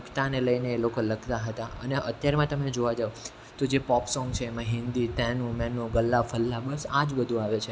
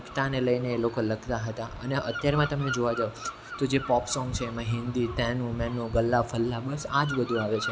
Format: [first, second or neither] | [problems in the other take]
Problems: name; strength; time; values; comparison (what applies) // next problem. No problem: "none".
first | background sound (Bird vocalization, bird call, bird song); 13 dB below the speech